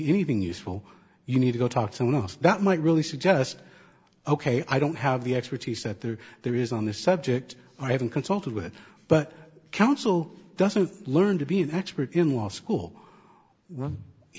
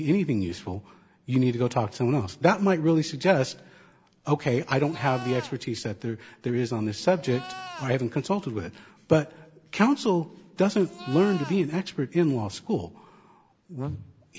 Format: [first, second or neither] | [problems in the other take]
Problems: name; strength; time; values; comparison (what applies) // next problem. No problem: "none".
first | background sound (Livestock, farm animals, working animals); 15 dB below the speech